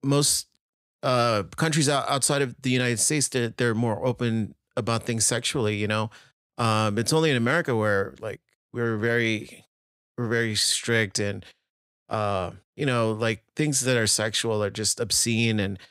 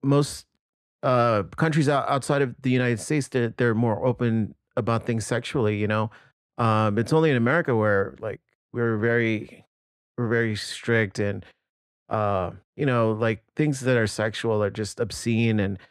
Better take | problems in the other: first | muffled; slightly; fading above 3 kHz

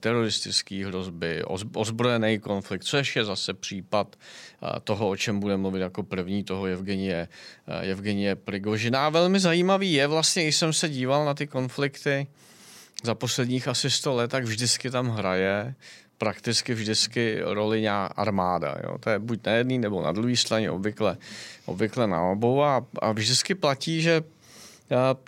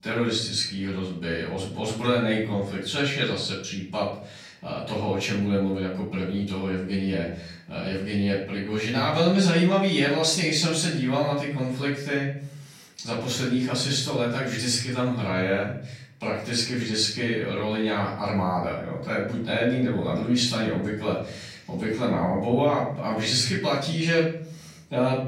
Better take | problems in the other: first | off-mic speech; far // room echo; noticeable; dies away in 0.6 s

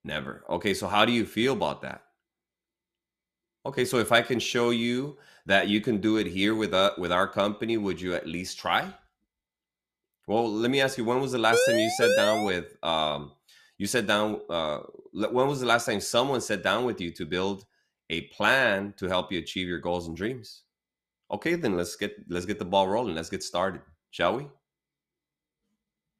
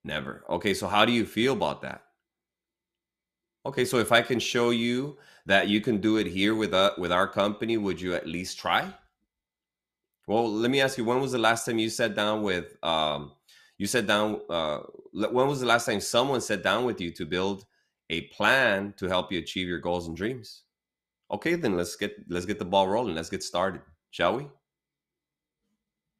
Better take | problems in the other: second | siren; loud; at 12 s; peak 3 dB above the speech

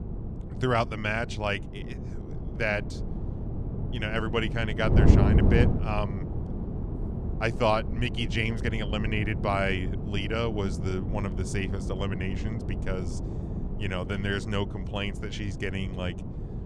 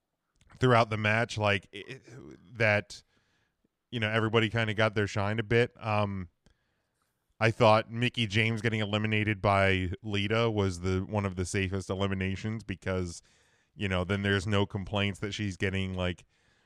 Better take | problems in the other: second | wind noise on the microphone; heavy; 9 dB below the speech

